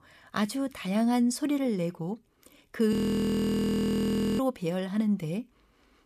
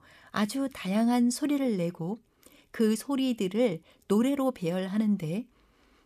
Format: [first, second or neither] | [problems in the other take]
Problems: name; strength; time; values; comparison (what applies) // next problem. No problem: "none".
second | audio freezing; at 3 s for 1.5 s